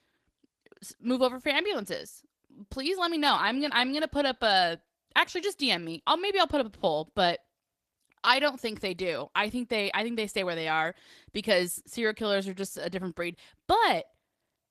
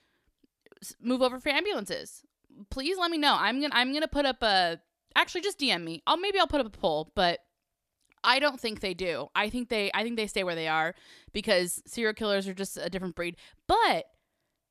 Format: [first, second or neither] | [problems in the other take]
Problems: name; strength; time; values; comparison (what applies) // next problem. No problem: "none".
second | garbled, watery; slightly; nothing above 14.5 kHz